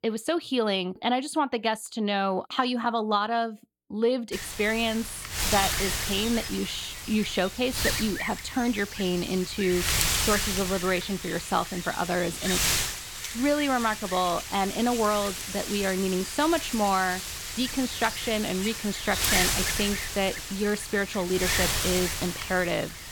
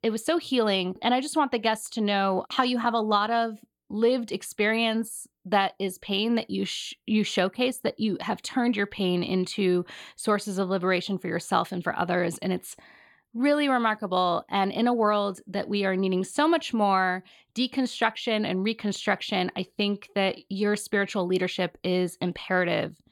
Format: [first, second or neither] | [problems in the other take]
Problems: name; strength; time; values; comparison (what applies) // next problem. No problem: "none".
second | wind noise on the microphone; heavy; from 4.5 s on; 2 dB below the speech